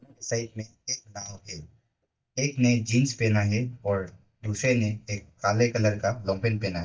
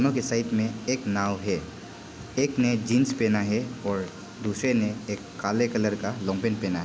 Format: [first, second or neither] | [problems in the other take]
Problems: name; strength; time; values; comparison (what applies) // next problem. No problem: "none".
second | noise reduction (neural mask model DeepFilterNet 3)